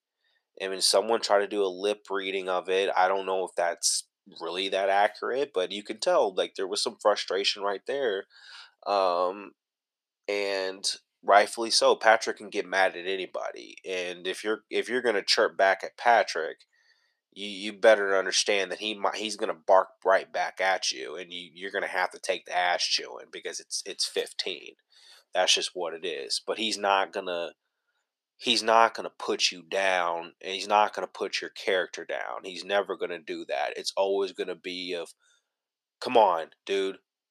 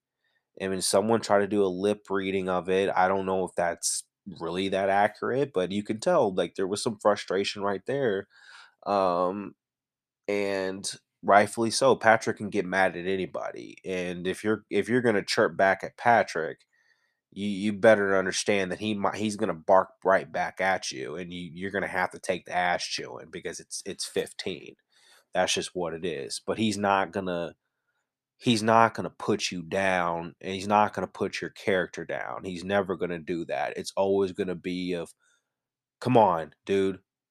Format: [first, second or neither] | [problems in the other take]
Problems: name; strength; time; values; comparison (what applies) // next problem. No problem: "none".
second | thin; somewhat; fading below 450 Hz